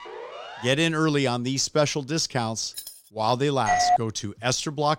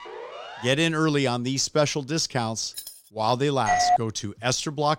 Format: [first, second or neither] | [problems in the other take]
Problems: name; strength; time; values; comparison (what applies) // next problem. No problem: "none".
neither | siren; faint; at the start; peak 15 dB below the speech; the same in both // jangling keys; faint; at 2.5 s; peak 15 dB below the speech; the same in both // doorbell; loud; at 3.5 s; peak 4 dB above the speech; the same in both